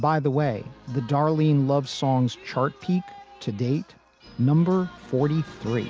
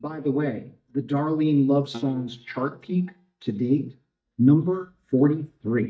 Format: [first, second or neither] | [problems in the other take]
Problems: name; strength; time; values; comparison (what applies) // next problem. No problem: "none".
first | noise reduction (neural mask model DeepFilterNet 3)